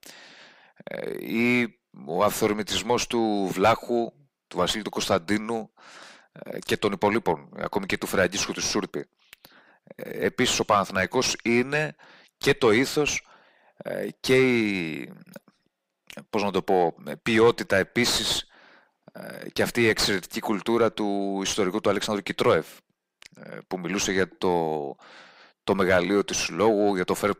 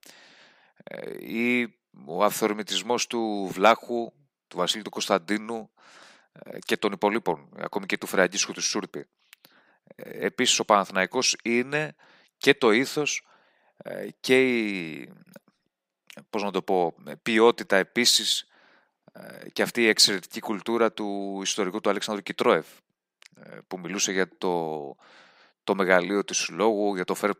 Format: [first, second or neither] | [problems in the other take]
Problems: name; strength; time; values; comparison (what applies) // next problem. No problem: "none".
second | distortion; heavy; 7 dB below the speech